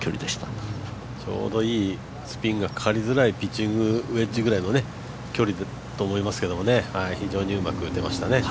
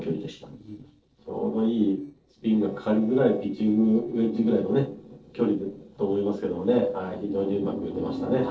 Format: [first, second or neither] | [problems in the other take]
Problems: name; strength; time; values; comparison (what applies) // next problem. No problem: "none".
first | noise reduction (neural separator model SepFormer DNS4)